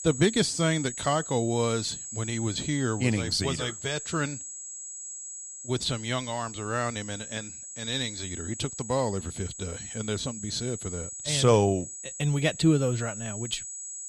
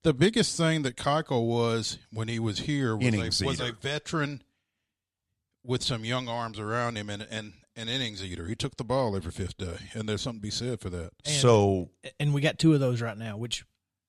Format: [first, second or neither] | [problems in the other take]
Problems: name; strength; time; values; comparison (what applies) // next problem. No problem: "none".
second | high-pitched whine; loud; throughout; 7.5 kHz, 9 dB below the speech